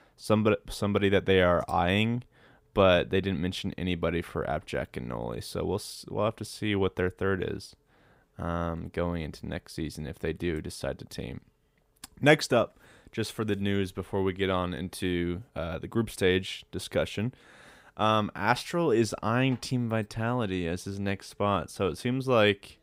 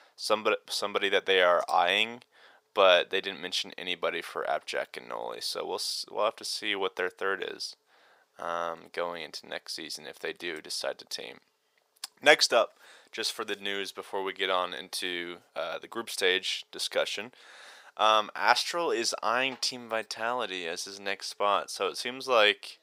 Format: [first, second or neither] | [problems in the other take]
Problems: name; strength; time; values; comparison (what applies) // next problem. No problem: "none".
first | thin; very; fading below 650 Hz